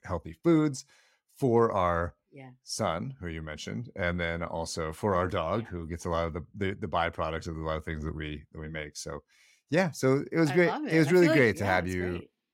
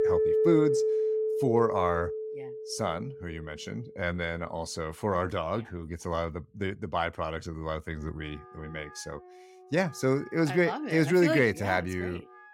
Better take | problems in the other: first | background music; very loud; throughout; 1 dB above the speech

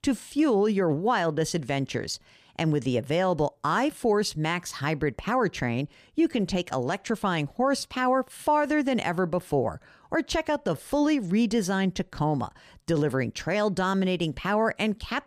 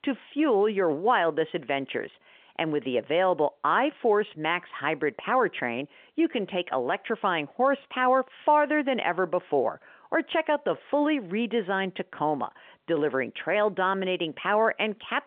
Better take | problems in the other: first | phone-call audio

